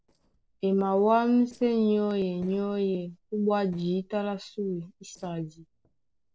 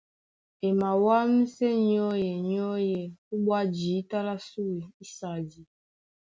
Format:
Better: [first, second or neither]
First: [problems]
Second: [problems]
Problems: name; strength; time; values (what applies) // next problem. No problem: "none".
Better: second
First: noise reduction (neural separator model SepFormer DNS4)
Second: none